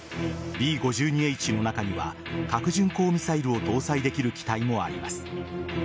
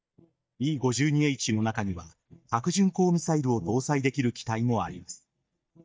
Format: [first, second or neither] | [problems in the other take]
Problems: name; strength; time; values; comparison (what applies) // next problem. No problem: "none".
first | noise reduction (neural mask model DeepFilterNet 3)